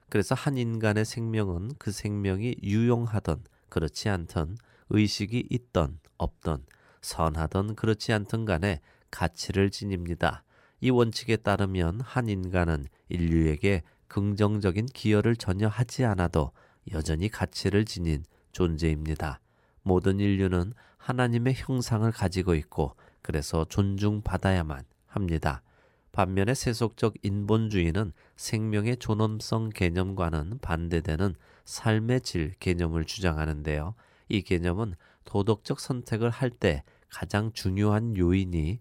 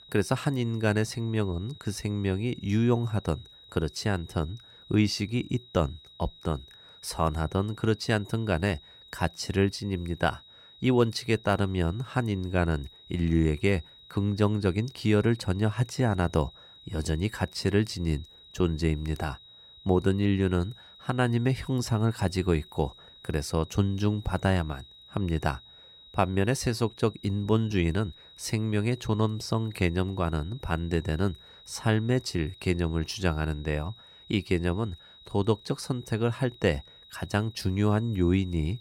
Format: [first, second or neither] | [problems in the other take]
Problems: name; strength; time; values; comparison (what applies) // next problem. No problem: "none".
first | high-pitched whine; faint; throughout; 4 kHz, 20 dB below the speech